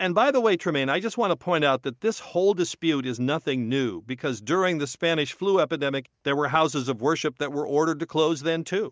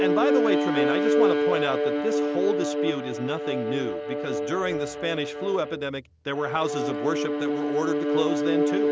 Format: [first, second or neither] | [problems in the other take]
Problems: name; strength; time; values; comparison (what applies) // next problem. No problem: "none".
first | background sound (Bowed string instrument); 4 dB above the speech